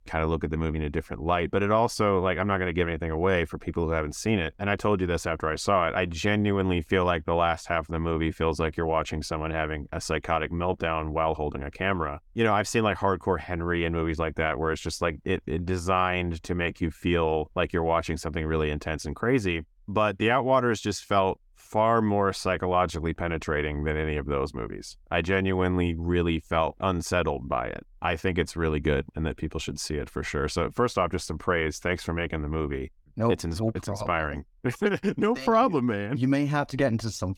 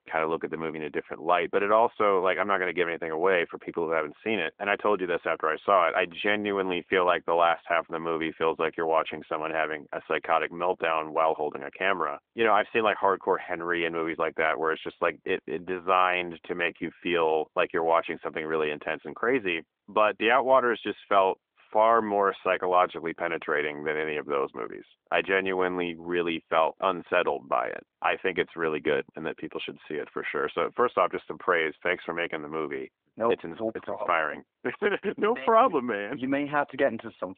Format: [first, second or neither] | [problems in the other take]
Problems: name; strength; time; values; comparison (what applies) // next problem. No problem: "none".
first | phone-call audio; nothing above 3.5 kHz